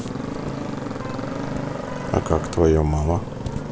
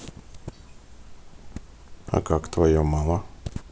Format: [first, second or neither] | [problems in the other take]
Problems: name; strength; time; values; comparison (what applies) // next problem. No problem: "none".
second | background sound (Motorcycle); 5 dB below the speech